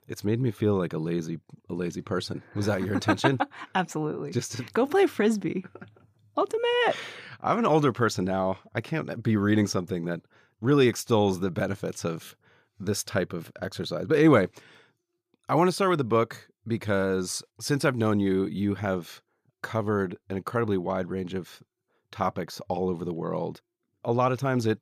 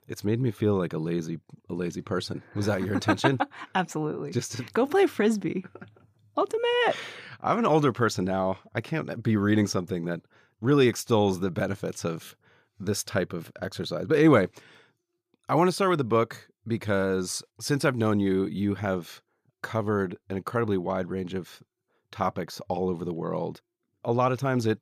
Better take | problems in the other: neither | none

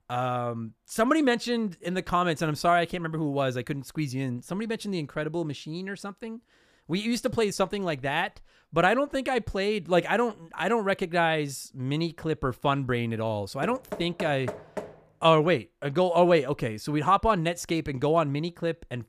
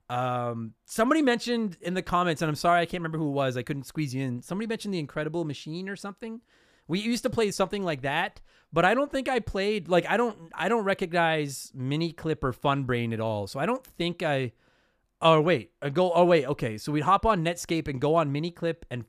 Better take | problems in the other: second | door banging; noticeable; from 14 to 15 s; peak 10 dB below the speech

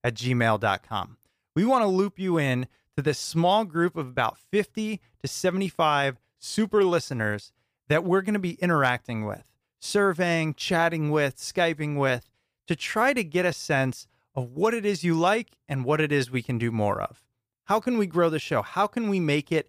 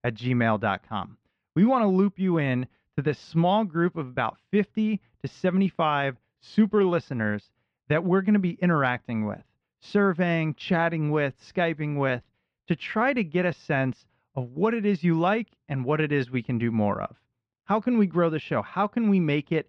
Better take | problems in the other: first | muffled; slightly; fading above 3 kHz

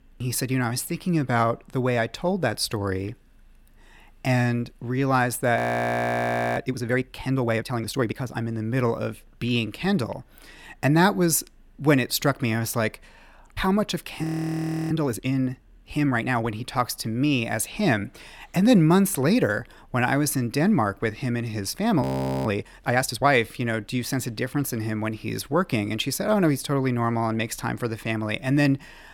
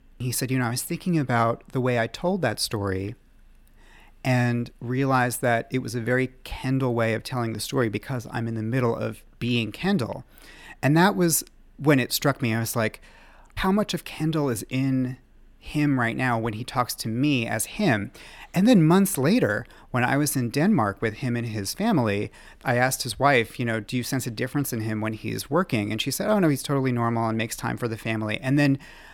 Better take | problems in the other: second | audio freezing; at 5.5 s for 1 s, at 14 s for 0.5 s and at 22 s

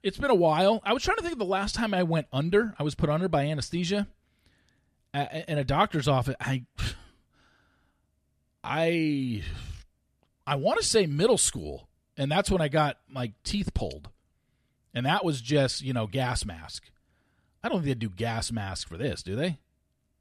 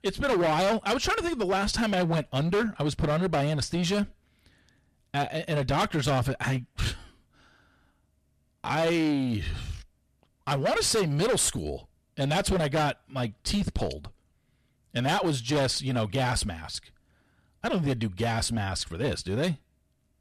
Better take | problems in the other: first | distortion; heavy; 13% of the sound clipped

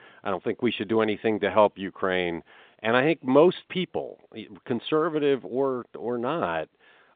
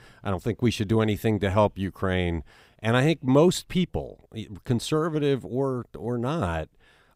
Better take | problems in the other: second | phone-call audio; nothing above 3.5 kHz

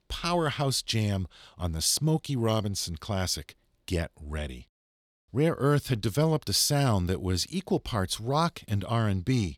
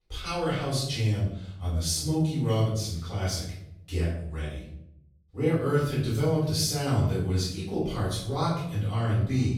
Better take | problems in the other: first | off-mic speech; far // room echo; noticeable; dies away in 0.7 s

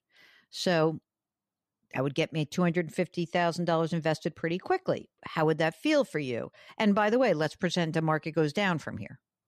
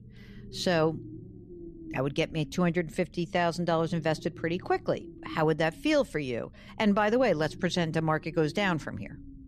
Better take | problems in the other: first | low rumble; faint; throughout; 25 dB below the speech

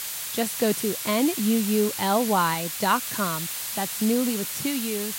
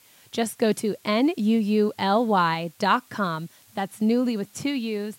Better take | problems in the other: second | hiss; loud; throughout; 4 dB below the speech; faint in the second

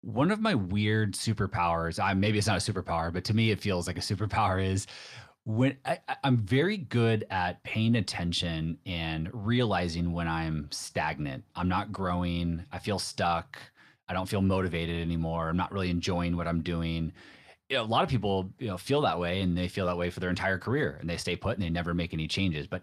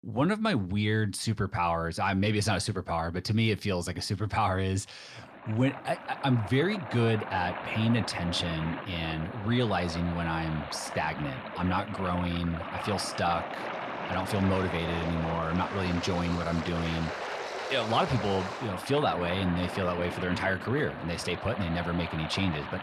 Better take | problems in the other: first | rain or running water; loud; from 5 s on; 7 dB below the speech

